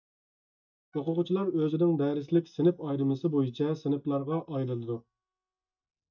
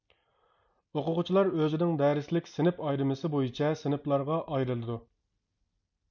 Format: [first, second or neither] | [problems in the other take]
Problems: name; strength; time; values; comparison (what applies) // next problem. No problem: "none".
second | noise reduction (neural mask model DeepFilterNet 3)